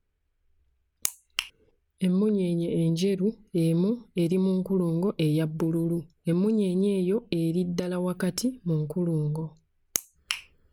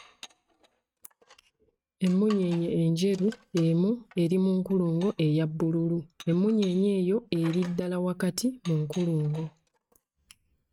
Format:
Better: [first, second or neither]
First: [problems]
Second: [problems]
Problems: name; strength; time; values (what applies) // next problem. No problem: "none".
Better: first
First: none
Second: noise reduction (neural mask model RNNoise)